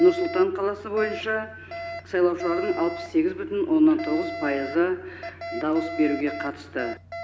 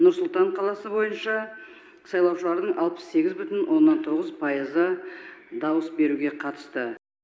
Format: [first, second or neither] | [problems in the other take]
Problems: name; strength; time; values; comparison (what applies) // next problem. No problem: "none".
second | background sound (Alarm); 11 dB below the speech